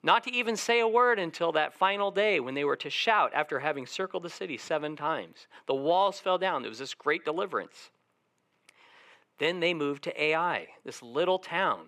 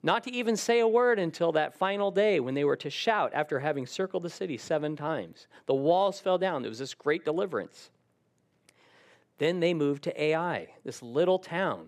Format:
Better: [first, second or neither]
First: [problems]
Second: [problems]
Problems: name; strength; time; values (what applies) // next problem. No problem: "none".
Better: second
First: thin; very slightly; fading below 250 Hz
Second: none